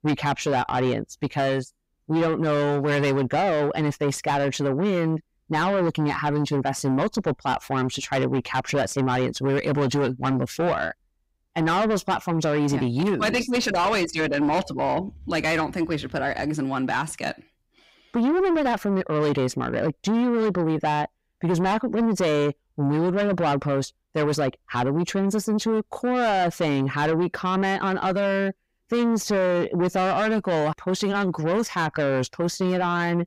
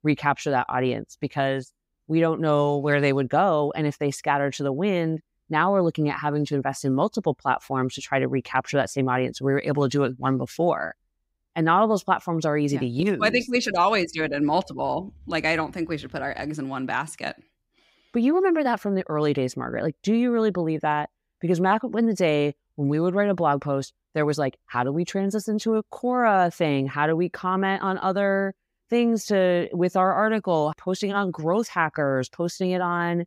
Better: second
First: distortion; heavy; 8 dB below the speech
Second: none

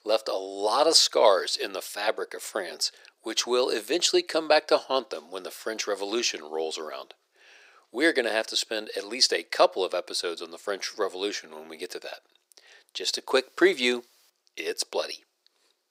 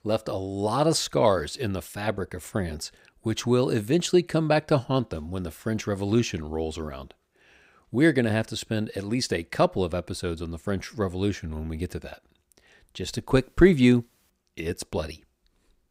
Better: second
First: thin; very; fading below 400 Hz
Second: none

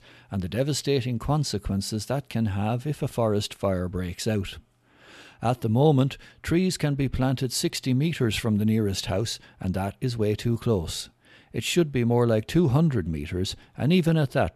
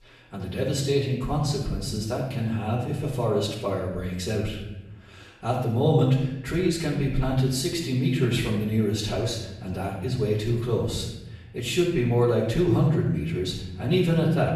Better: first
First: none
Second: off-mic speech; far // room echo; noticeable; dies away in 0.8 s

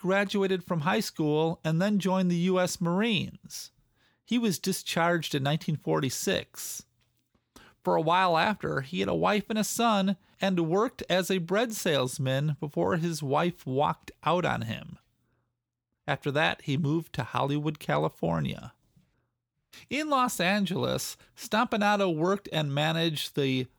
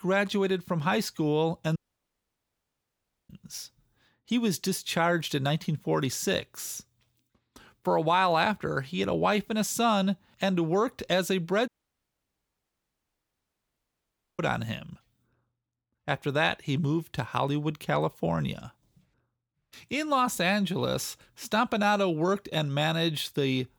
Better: first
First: none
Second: audio cutting out; at 2 s for 1.5 s and at 12 s for 2.5 s

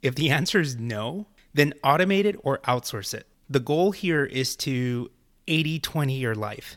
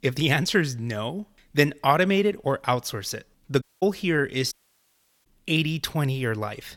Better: first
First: none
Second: audio cutting out; at 3.5 s and at 4.5 s for 0.5 s

